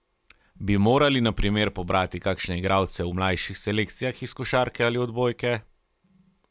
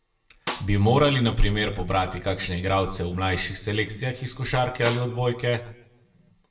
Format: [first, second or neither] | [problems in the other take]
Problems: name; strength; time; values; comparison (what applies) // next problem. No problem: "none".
first | background sound (Snare drum); 13 dB below the speech // room echo; dies away in 0.6 s